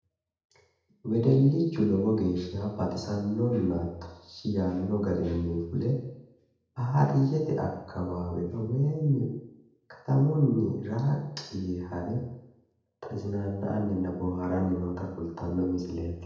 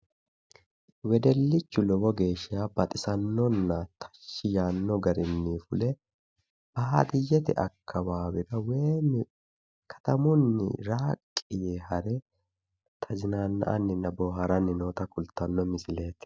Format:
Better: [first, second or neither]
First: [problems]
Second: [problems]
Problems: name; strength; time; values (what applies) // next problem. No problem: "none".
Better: second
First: room echo; dies away in 0.8 s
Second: none